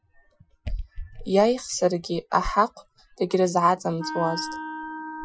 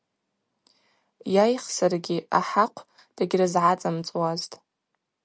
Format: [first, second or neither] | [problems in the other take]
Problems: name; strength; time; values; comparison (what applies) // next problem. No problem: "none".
second | noise reduction (classical method Wiener filter)